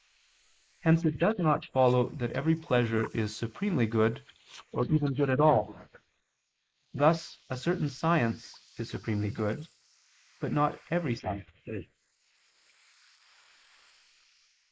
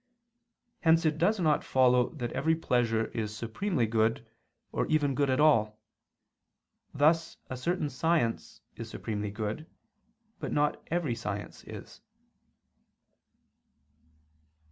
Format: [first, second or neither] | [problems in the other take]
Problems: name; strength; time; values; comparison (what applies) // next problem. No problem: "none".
second | noise reduction (neural mask model Resemble Enhance denoiser)